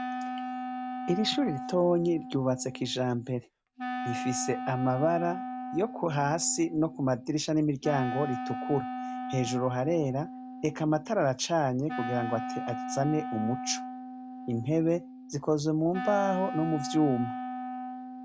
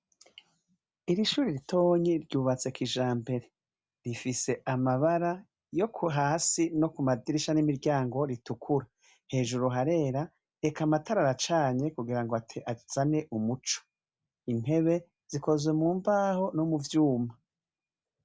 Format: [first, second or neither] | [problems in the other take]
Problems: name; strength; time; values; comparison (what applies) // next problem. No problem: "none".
second | background sound (Wind instrument, woodwind instrument); 7 dB below the speech